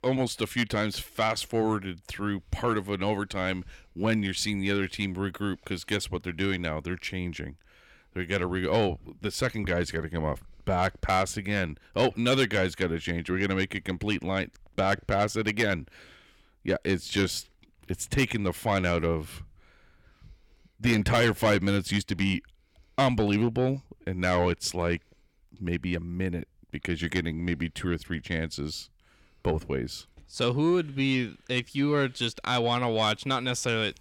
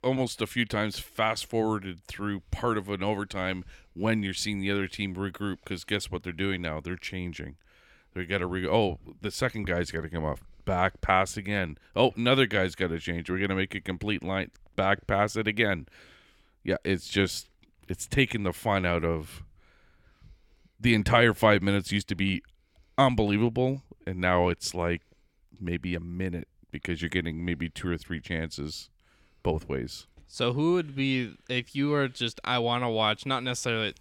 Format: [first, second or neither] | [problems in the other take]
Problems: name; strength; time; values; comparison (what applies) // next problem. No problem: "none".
second | distortion; slight; 10 dB below the speech